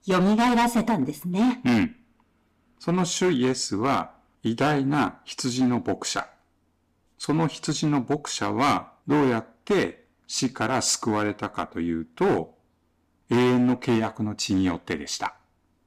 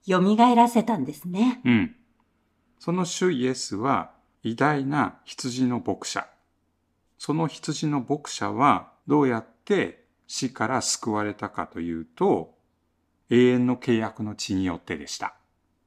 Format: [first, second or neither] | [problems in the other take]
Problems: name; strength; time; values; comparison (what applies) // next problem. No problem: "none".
second | distortion; heavy; 9% of the sound clipped